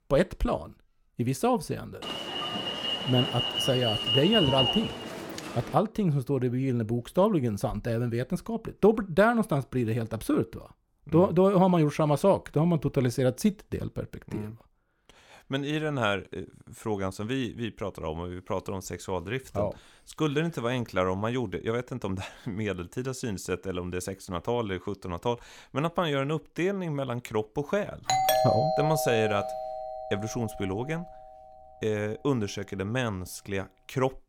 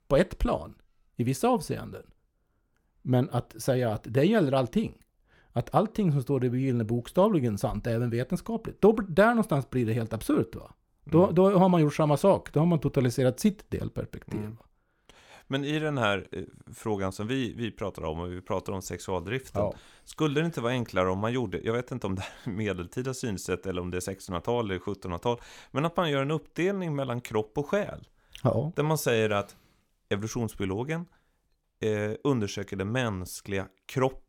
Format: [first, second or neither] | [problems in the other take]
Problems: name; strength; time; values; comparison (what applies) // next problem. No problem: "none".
second | alarm; loud; from 2 to 5.5 s; peak 5 dB above the speech // doorbell; loud; from 28 to 30 s; peak 5 dB above the speech